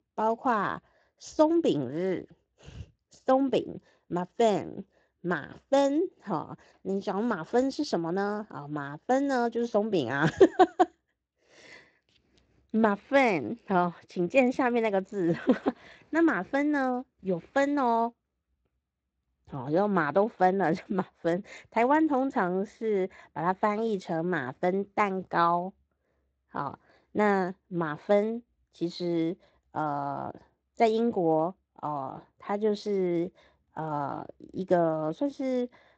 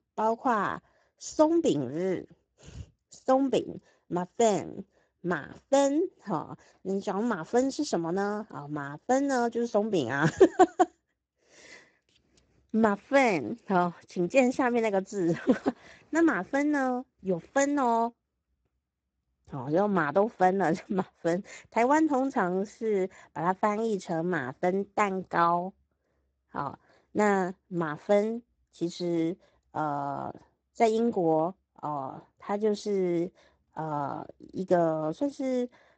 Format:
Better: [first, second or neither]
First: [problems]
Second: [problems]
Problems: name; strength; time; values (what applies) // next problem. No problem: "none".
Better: first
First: garbled, watery; slightly; nothing above 7.5 kHz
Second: garbled, watery; badly; nothing above 7.5 kHz